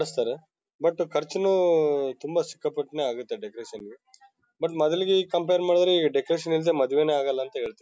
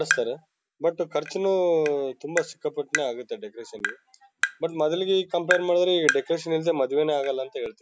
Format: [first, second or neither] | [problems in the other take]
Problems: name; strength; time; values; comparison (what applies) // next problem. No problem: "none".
first | background sound (Tap); 8 dB below the speech